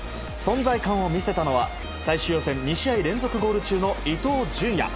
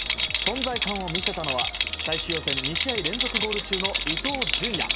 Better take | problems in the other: first | background sound (Rattle); 3 dB above the speech

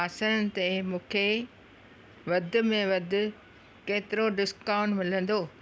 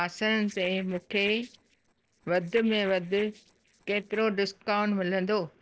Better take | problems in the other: first | noise reduction (neural separator model SepFormer DNS4)

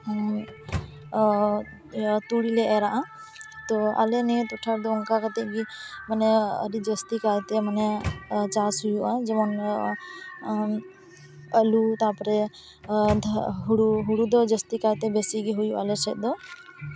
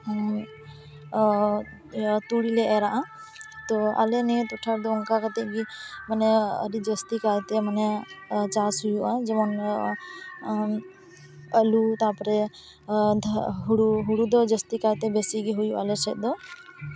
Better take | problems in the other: second | background sound (Microwave oven); 10 dB below the speech

